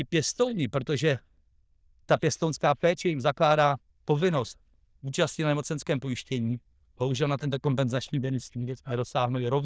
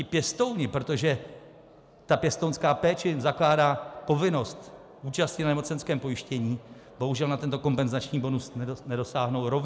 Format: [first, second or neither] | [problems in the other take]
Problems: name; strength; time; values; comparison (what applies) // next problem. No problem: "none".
second | noise reduction (neural diffusion model UNIVERSE++)